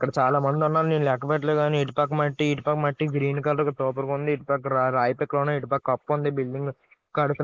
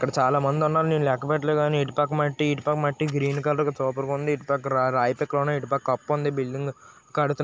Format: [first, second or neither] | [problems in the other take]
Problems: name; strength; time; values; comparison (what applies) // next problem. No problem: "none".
second | noise reduction (neural mask model Resemble Enhance denoiser)